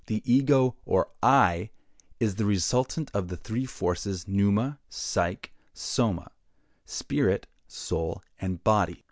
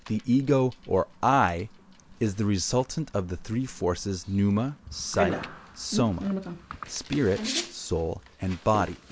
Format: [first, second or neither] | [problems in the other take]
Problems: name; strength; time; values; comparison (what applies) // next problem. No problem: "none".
first | background sound (Bicycle); 10 dB below the speech